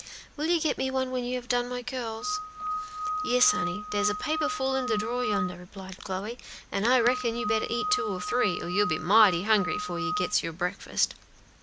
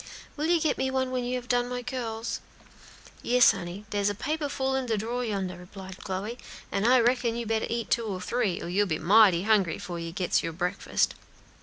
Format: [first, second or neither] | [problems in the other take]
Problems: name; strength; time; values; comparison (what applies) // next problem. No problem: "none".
second | background sound (Screech / Glass); 4 dB below the speech